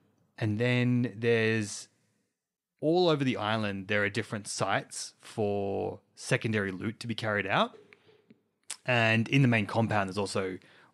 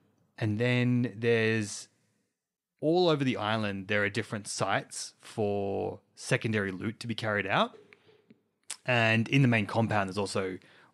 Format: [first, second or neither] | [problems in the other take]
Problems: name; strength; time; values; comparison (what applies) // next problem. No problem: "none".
neither | none